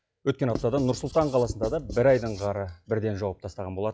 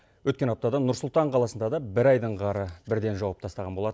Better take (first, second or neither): second